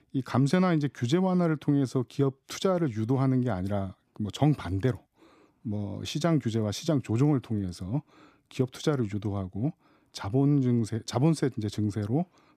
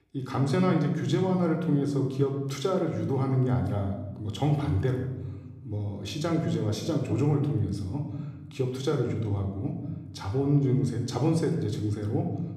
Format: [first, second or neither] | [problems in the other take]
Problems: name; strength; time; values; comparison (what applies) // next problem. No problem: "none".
first | room echo; slight; dies away in 0.9 s